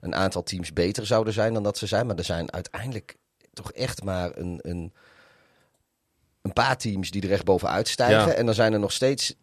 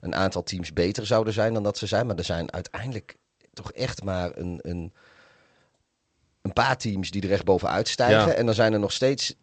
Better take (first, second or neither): first